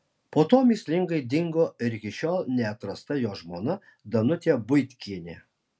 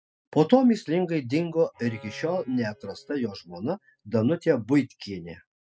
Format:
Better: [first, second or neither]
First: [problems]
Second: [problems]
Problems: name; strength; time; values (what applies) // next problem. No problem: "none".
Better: first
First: none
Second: noise reduction (classical method spectral subtraction)